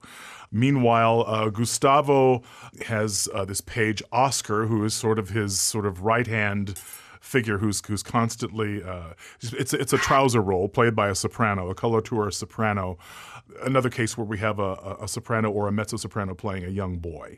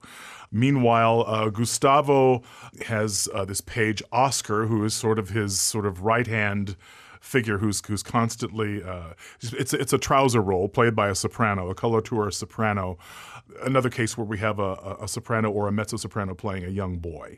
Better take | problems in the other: second | clattering dishes; faint; at 7 s; peak 15 dB below the speech // dog barking; noticeable; at 10 s; peak 3 dB below the speech

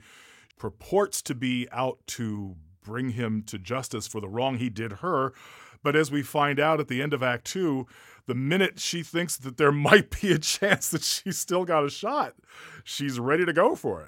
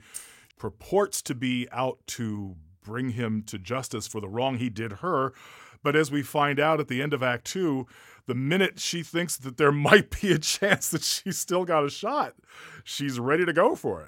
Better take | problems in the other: first | jangling keys; faint; at the start; peak 15 dB below the speech

